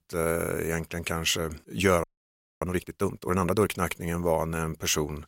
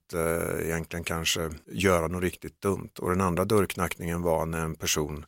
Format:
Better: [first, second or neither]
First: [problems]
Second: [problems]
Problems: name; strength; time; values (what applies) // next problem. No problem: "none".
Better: second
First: audio freezing; at 2 s for 0.5 s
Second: none